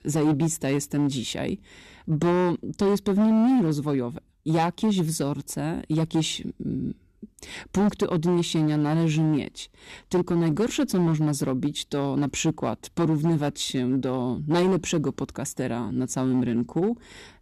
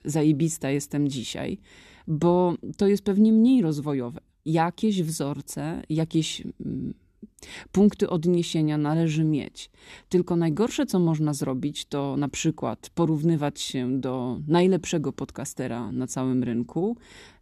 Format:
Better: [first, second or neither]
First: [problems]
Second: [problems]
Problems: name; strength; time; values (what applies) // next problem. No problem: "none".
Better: second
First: distortion; slight; 9% of the sound clipped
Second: none